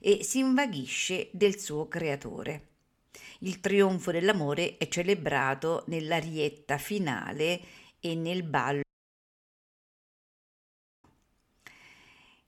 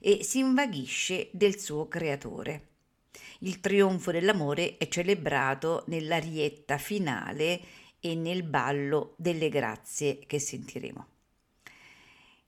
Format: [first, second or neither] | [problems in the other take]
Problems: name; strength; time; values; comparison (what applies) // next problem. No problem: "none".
second | audio cutting out; at 9 s for 2 s